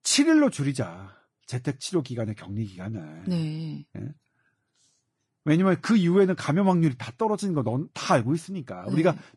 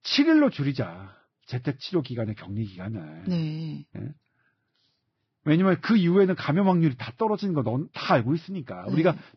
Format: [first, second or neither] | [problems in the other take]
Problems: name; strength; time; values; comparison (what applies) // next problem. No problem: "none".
first | garbled, watery; badly; nothing above 5.5 kHz; slightly in the first